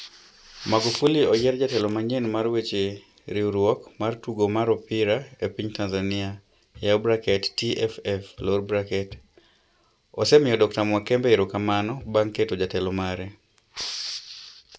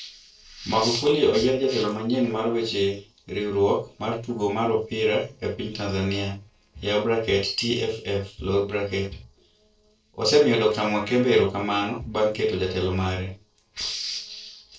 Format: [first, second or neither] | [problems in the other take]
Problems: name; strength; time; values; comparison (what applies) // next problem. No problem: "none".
first | noise reduction (neural separator model SepFormer DNS4)